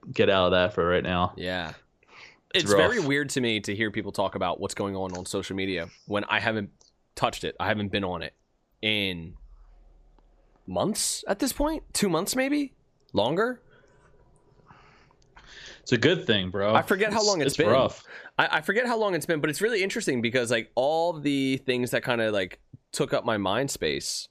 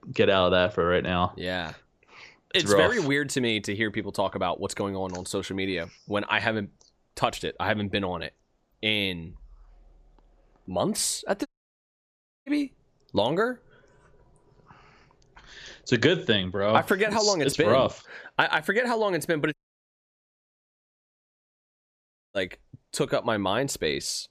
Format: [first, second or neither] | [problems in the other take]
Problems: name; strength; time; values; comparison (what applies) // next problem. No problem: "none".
first | audio cutting out; at 11 s for 1 s and at 20 s for 3 s